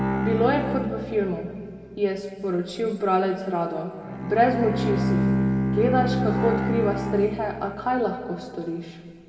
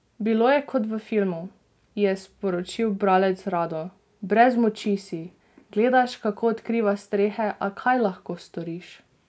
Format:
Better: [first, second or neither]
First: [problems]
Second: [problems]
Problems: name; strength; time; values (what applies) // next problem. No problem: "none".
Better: second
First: background sound (Bowed string instrument); 2 dB below the speech // room echo; dies away in 1.9 s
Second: none